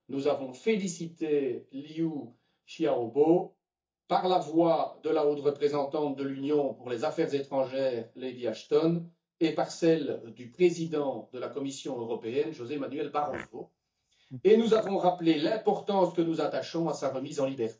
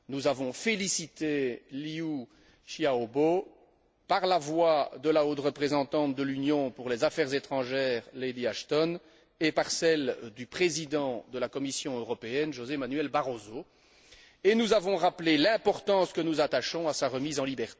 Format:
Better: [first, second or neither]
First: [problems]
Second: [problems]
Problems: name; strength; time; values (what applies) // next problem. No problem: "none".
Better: second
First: noise reduction (neural mask model DeepFilterNet 3)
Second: none